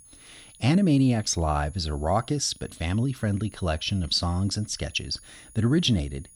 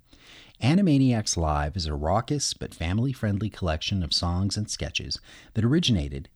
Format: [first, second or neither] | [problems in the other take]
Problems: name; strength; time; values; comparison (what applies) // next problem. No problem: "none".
second | high-pitched whine; faint; throughout; 10.5 kHz, 25 dB below the speech